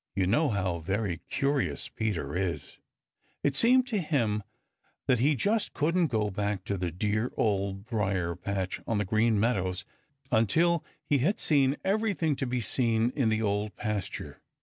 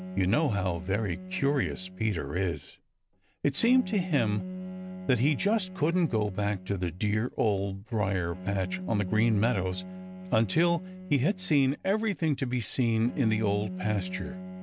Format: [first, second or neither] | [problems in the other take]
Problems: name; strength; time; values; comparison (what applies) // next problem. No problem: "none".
first | background sound (Bowed string instrument); 12 dB below the speech